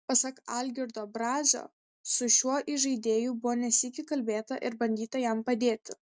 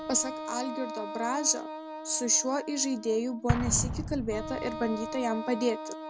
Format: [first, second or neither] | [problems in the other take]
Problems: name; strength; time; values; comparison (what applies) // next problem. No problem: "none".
first | background sound (Explosion + Wind instrument, woodwind instrument); 6 dB below the speech